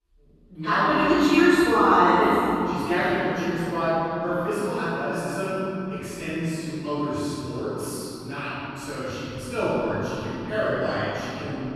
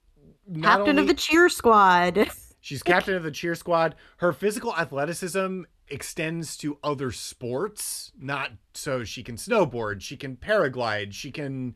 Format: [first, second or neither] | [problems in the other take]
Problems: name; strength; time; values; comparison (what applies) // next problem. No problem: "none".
second | off-mic speech; far // room echo; strong; dies away in 3 s